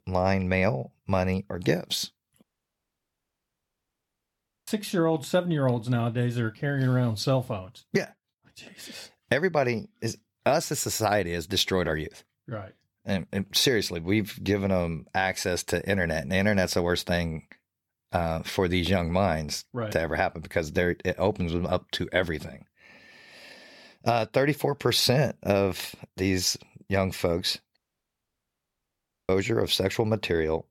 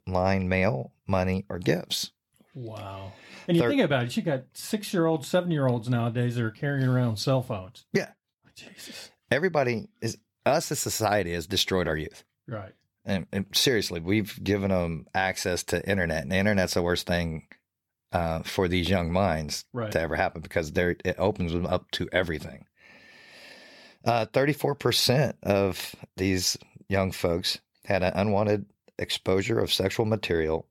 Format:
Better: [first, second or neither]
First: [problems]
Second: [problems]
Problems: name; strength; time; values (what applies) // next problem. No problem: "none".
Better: second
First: audio cutting out; at 2.5 s for 2 s and at 28 s for 1.5 s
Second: none